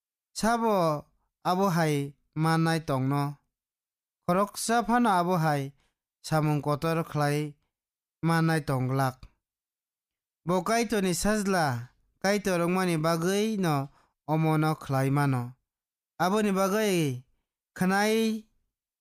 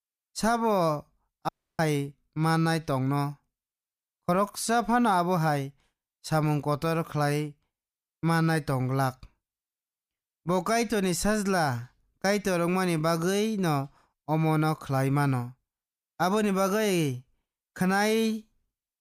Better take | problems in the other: first | audio cutting out; at 1.5 s

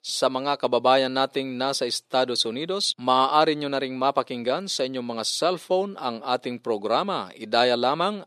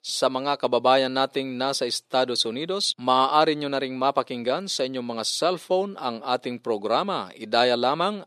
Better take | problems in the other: neither | thin; somewhat; fading below 450 Hz; the same in both

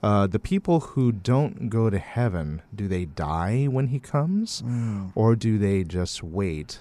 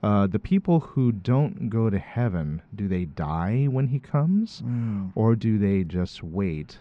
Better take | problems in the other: first | muffled; slightly; fading above 3 kHz

